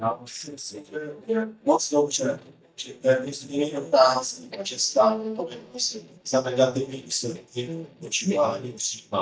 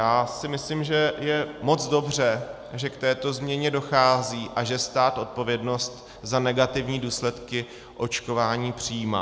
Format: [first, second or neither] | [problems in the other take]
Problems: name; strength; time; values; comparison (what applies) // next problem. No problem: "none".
second | noise reduction (neural mask model DeepFilterNet 3)